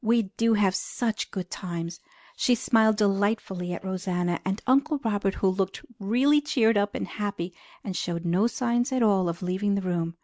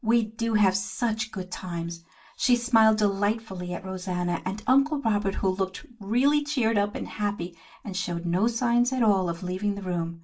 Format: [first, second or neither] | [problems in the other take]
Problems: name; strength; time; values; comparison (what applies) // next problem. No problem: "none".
first | room echo; dies away in 0.2 s